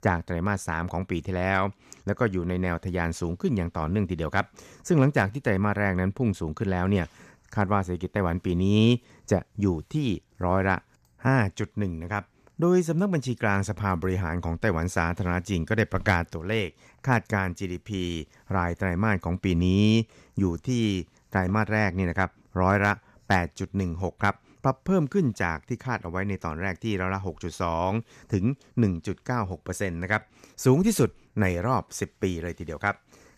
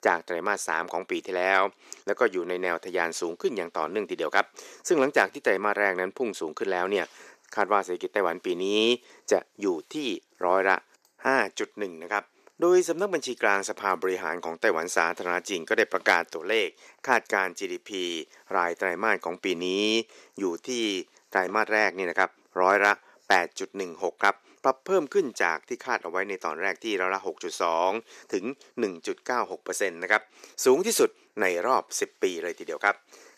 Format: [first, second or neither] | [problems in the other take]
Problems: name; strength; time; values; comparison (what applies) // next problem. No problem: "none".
first | thin; very; fading below 350 Hz